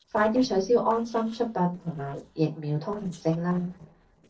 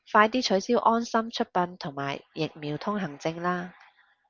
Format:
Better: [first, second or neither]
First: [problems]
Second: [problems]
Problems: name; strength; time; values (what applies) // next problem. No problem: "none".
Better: second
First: noise reduction (neural separator model SepFormer DNS4)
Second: none